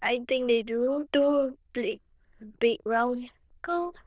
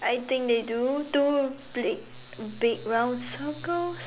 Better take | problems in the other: second | noise reduction (neural diffusion model UNIVERSE++)

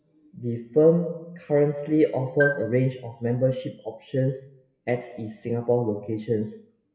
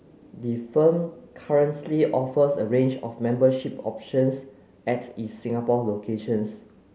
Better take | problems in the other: second | noise reduction (classical method WPE with log-MMSE)

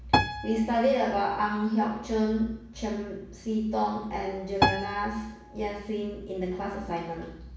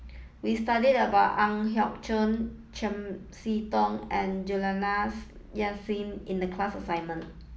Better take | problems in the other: second | background sound (Piano); 4 dB below the speech // room echo; dies away in 0.7 s

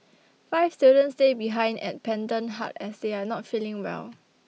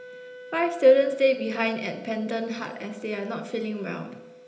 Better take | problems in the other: first | background sound (Wind instrument, woodwind instrument); 19 dB below the speech // room echo; dies away in 1 s

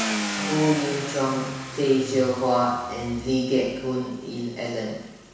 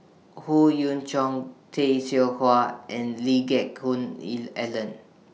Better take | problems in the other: second | background sound (Car); 8 dB below the speech // room echo; dies away in 1.1 s

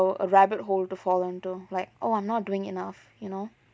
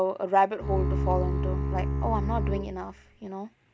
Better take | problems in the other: first | background sound (Bowed string instrument); 1 dB above the speech

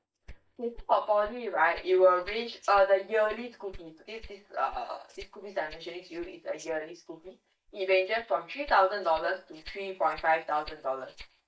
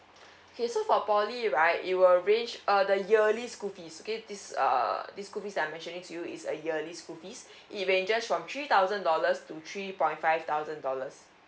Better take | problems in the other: second | noise reduction (neural mask model DeepFilterNet 3)

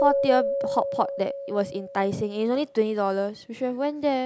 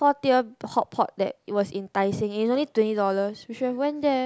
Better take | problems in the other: second | background sound (Keyboard (musical)); 5 dB below the speech

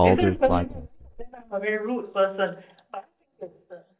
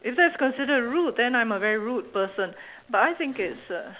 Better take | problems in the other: second | noise reduction (neural mask model DeepFilterNet 3)

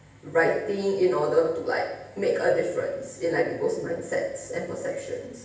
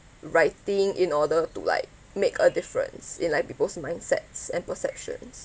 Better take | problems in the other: second | room echo; dies away in 0.9 s

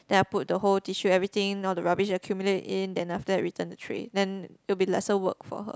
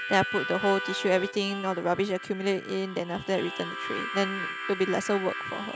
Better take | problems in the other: first | background sound (Harmonica); 7 dB below the speech

